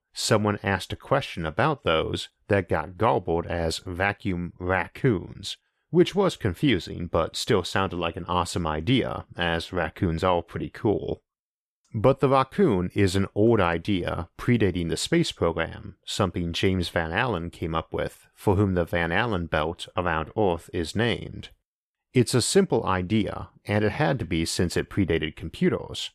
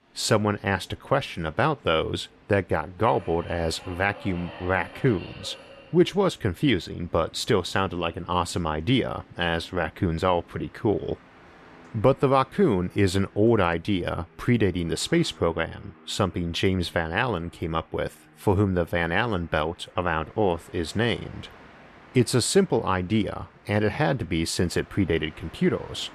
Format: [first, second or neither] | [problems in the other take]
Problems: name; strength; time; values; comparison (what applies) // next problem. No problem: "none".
first | train or aircraft noise; faint; throughout; 25 dB below the speech